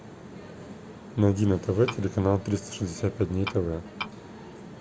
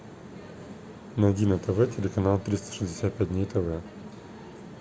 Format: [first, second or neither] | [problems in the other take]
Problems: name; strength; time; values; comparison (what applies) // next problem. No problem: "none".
second | background sound (Tap / Glass); 10 dB below the speech